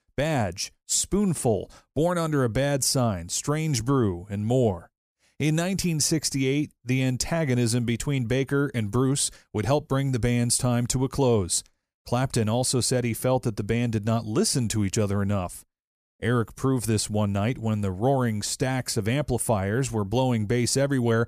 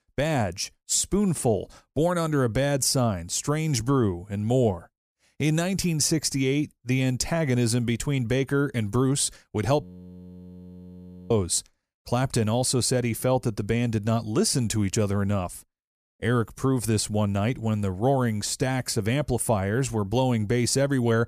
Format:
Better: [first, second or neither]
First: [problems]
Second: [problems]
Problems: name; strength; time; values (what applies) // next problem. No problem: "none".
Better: first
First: none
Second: audio freezing; at 10 s for 1.5 s